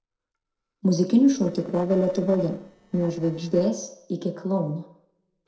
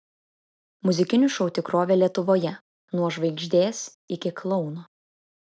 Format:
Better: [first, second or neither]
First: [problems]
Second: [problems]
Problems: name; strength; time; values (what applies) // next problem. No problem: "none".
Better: second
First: noise reduction (neural separator model SepFormer DNS4)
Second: none